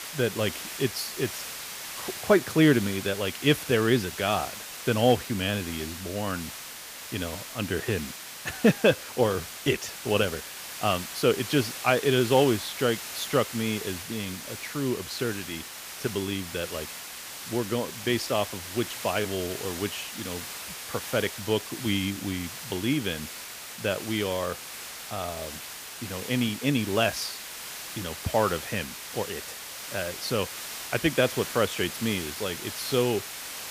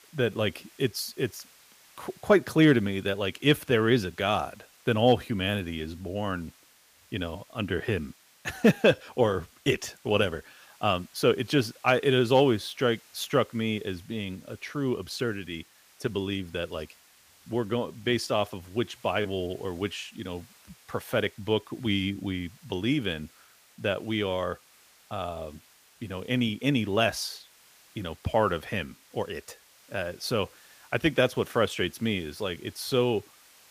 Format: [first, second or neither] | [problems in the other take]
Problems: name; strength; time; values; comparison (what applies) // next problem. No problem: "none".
second | hiss; loud; throughout; 8 dB below the speech; faint in the second